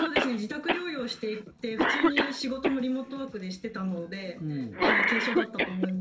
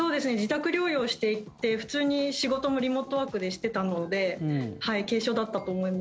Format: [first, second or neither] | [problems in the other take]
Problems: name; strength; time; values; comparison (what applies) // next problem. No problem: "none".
second | background sound (Cough); 2 dB above the speech // room echo; dies away in 0.2 s